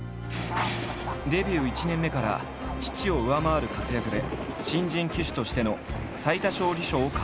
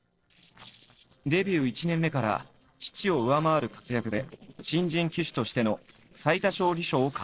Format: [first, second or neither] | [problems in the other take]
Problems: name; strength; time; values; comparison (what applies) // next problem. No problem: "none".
first | noise reduction (neural separator model SepFormer DNS4)